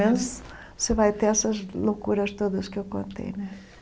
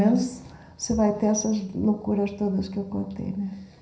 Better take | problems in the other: first | room echo; dies away in 0.5 s

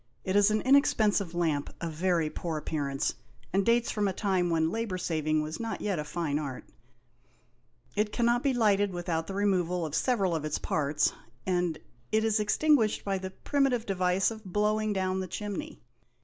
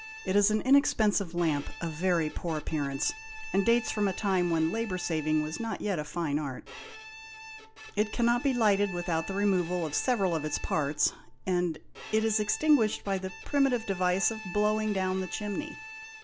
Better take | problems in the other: first | background sound (Bowed string instrument); 16 dB below the speech

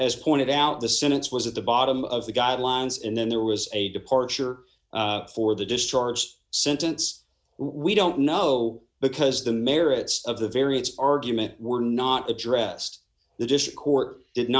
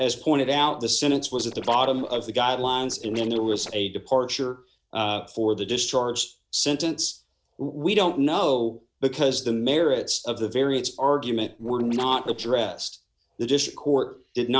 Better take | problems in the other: first | noise reduction (neural separator model SepFormer DNS4)

